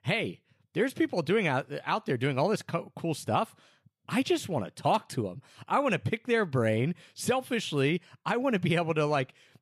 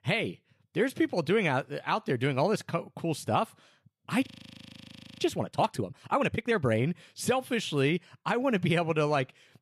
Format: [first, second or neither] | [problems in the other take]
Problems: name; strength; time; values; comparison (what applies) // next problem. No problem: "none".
first | audio freezing; at 4.5 s for 1 s